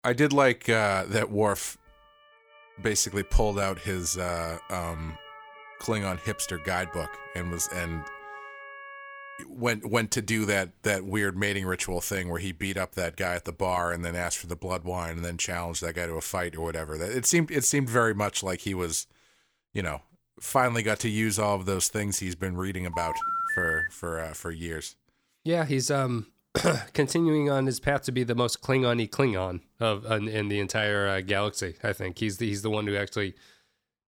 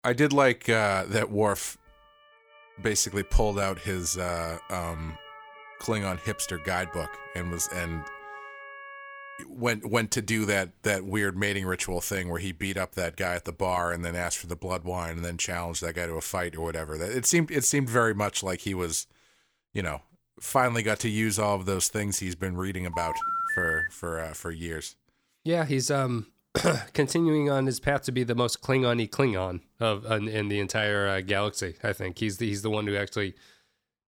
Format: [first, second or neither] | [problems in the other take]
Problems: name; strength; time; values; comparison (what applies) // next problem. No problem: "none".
neither | siren; faint; from 2 to 9.5 s; peak 10 dB below the speech; the same in both // phone ringing; loud; at 23 s; peak 2 dB above the speech; the same in both